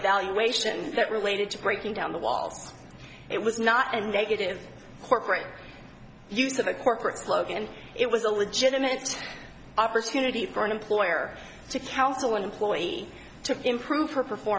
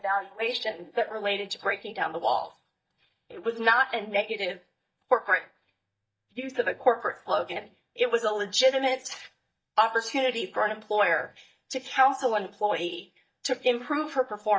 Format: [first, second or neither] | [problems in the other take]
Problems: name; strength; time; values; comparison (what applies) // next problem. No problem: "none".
first | noise reduction (neural mask model DeepFilterNet 3)